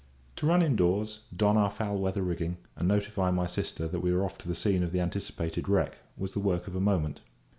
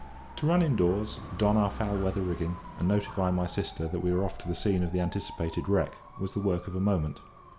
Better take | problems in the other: first | background sound (Motorcycle / Dog); 12 dB below the speech

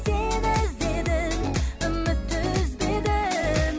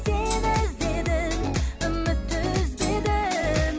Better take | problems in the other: first | background sound (Thump, thud); 17 dB below the speech

